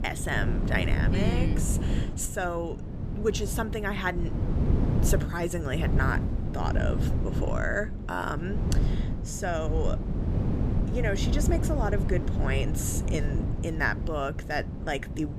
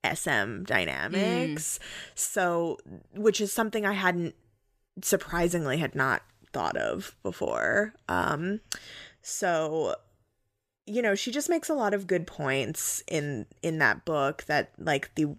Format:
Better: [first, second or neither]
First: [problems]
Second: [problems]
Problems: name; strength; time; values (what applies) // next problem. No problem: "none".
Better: second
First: wind noise on the microphone; heavy; 7 dB below the speech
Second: none